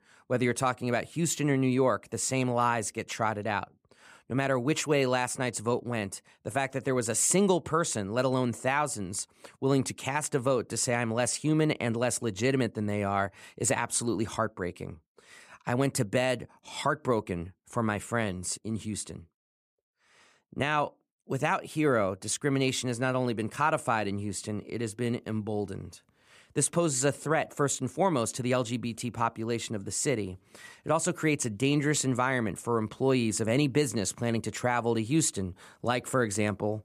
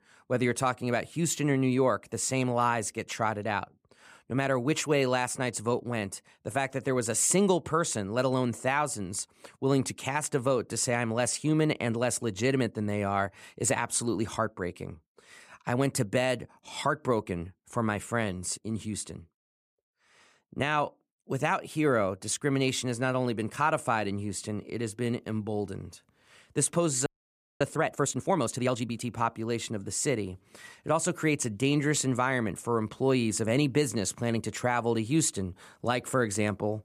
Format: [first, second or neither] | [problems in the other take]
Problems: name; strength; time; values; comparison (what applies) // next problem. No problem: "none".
first | audio freezing; at 27 s for 0.5 s